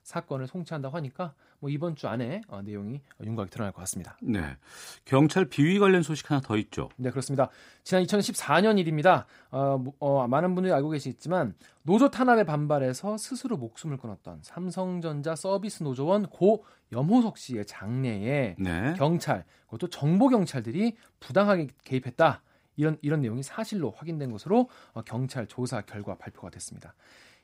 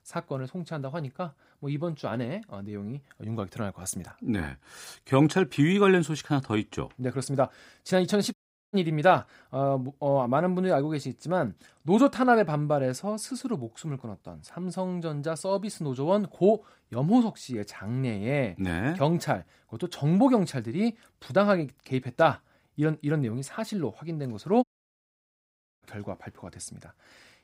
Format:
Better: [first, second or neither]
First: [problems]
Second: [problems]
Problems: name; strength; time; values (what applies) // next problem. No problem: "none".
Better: first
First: none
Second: audio cutting out; at 8.5 s and at 25 s for 1 s